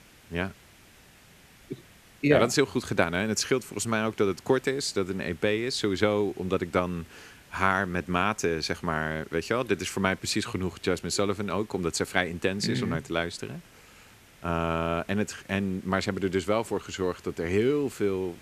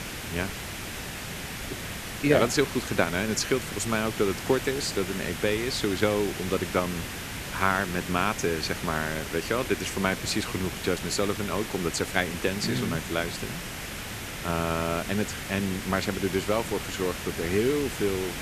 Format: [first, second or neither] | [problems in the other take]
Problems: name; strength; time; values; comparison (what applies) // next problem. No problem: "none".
first | hiss; loud; throughout; 6 dB below the speech; faint in the first